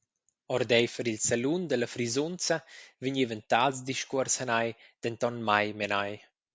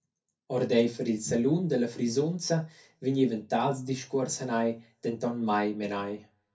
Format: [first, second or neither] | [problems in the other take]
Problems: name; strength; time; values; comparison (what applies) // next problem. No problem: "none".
first | room echo; dies away in 0.3 s